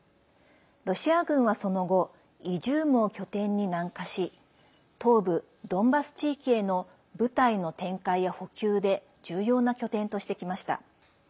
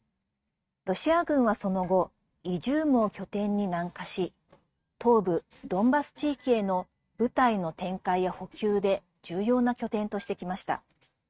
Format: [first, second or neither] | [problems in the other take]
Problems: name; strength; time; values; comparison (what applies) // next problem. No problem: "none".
first | noise reduction (neural mask model RNNoise)